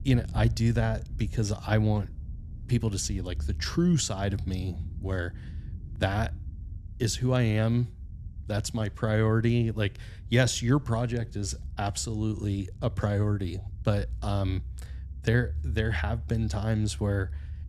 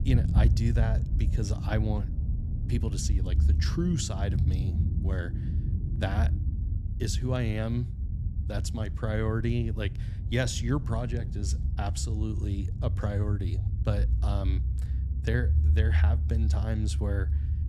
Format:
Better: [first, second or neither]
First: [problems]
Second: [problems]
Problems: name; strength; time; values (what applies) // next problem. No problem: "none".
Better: first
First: low rumble; faint; throughout; 20 dB below the speech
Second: low rumble; loud; throughout; 8 dB below the speech